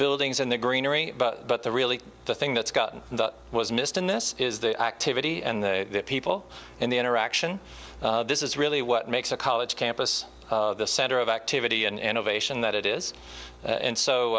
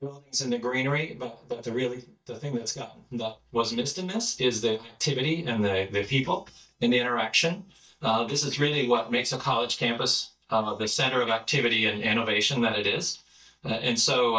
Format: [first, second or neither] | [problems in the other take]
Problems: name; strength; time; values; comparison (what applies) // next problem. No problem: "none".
first | noise reduction (neural mask model DeepFilterNet 3)